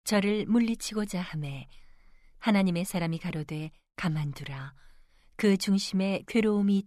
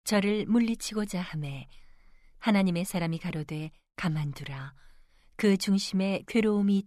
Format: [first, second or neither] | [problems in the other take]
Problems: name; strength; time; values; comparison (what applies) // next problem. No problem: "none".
neither | none